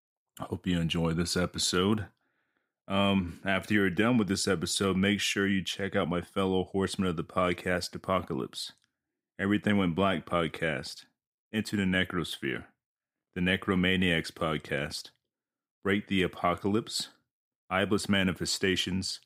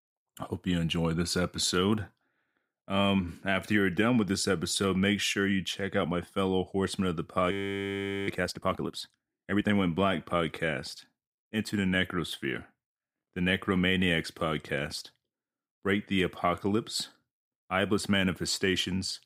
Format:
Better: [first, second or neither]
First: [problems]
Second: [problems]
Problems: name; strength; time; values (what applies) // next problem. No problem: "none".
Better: first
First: none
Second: audio freezing; at 7.5 s for 1 s